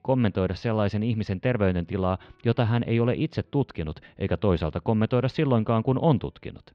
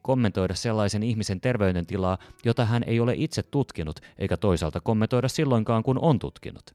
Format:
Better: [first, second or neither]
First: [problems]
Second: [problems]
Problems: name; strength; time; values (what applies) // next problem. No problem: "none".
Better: second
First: muffled; slightly; fading above 3.5 kHz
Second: none